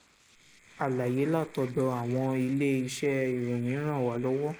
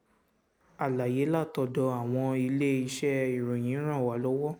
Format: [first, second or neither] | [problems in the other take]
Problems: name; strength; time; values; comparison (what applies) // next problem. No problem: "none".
second | noise reduction (neural mask model Resemble Enhance denoiser)